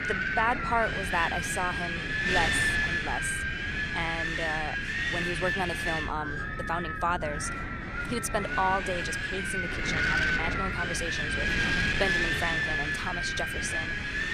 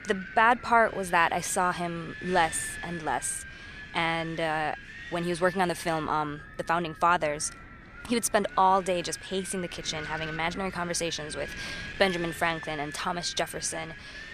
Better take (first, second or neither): second